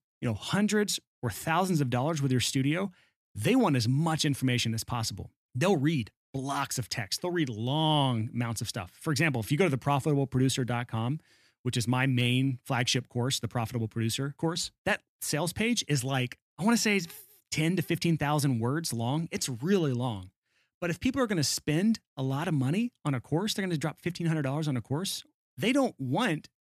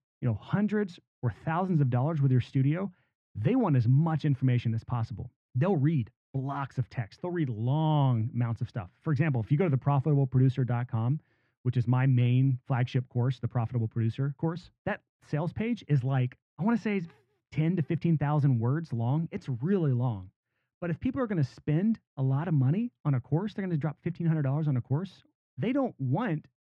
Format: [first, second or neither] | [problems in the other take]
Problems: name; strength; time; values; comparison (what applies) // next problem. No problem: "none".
first | muffled; very; fading above 1.5 kHz